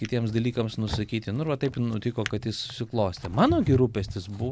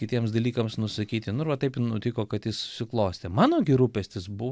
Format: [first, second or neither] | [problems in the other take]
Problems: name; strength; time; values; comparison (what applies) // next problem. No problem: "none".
second | background sound (Drawer open or close); 10 dB below the speech